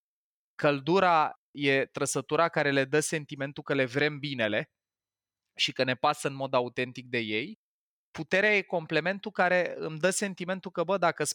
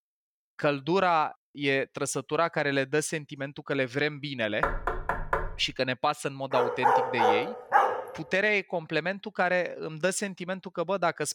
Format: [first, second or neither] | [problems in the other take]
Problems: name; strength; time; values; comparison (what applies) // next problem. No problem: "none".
first | door banging; noticeable; at 4.5 s; peak 1 dB below the speech // dog barking; loud; from 6.5 to 8 s; peak 5 dB above the speech